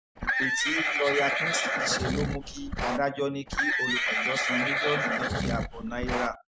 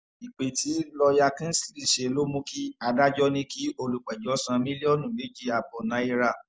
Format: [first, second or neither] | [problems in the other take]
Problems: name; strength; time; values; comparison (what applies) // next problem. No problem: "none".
second | background sound (Livestock, farm animals, working animals); 4 dB above the speech